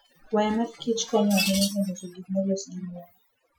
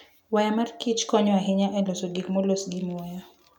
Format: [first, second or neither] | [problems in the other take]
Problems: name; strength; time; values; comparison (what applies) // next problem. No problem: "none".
second | noise reduction (classical method Wiener filter)